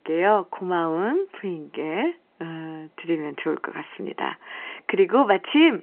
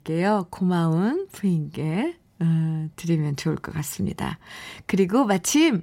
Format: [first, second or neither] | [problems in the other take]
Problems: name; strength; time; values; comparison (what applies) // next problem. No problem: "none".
second | phone-call audio; nothing above 3 kHz